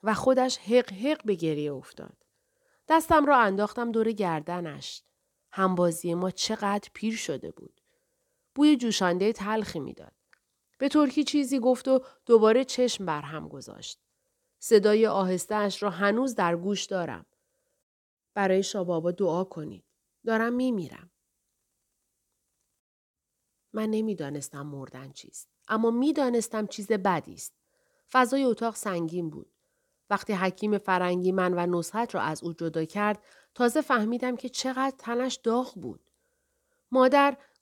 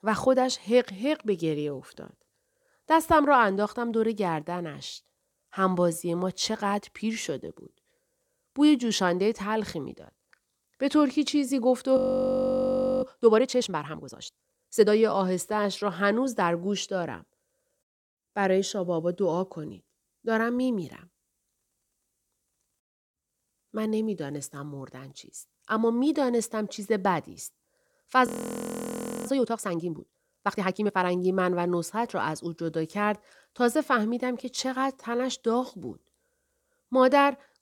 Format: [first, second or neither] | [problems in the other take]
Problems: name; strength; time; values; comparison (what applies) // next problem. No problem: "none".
first | audio freezing; at 12 s for 1 s and at 28 s for 1 s